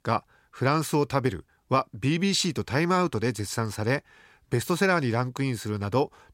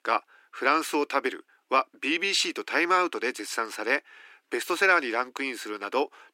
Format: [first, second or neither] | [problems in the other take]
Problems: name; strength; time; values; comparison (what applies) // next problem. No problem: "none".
first | thin; very; fading below 300 Hz